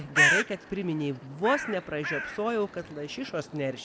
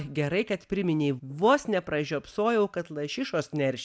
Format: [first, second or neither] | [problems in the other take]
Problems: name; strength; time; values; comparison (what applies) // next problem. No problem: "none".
second | background sound (Bird); as loud as the speech